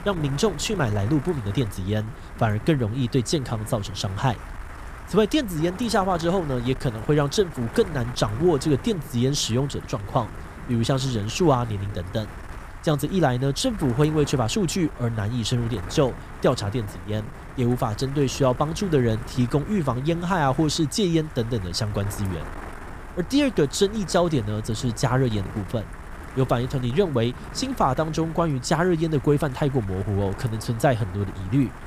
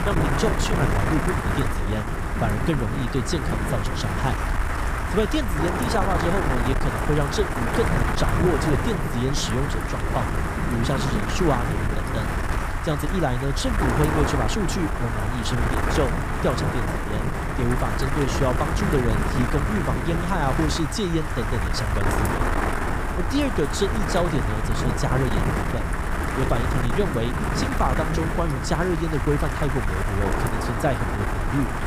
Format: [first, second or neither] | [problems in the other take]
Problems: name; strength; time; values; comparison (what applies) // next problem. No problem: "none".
first | wind noise on the microphone; heavy; 2 dB above the speech; occasional gusts in the first